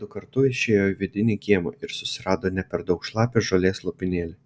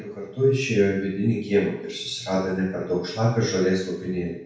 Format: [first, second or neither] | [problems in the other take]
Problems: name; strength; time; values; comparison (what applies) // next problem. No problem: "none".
first | room echo; dies away in 0.7 s